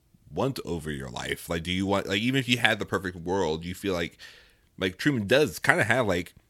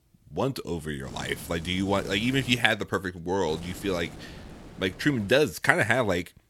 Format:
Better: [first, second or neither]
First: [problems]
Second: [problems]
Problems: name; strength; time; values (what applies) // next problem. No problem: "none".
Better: first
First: none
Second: wind noise on the microphone; occasional gusts; from 1 to 2.5 s and from 3.5 to 5.5 s; 20 dB below the speech